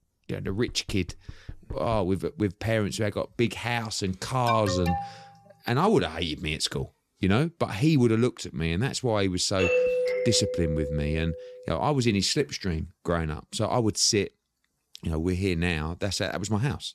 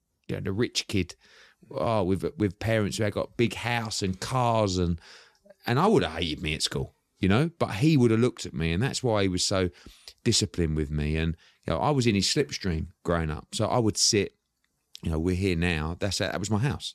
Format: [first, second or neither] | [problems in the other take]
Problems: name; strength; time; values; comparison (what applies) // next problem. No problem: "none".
second | door banging; faint; until 2 s; peak 15 dB below the speech // alarm; noticeable; at 4.5 s; peak 2 dB below the speech // doorbell; loud; from 9.5 to 11 s; peak 3 dB above the speech